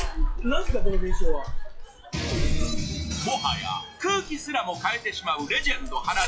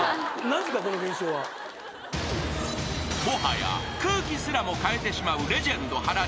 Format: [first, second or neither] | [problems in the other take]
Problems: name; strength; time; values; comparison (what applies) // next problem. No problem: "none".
second | noise reduction (classical method log-MMSE)